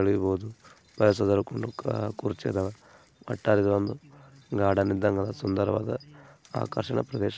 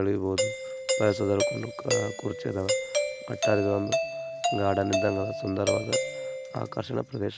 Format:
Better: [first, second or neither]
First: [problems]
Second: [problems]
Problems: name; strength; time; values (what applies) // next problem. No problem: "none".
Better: first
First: none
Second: background sound (Doorbell); 1 dB below the speech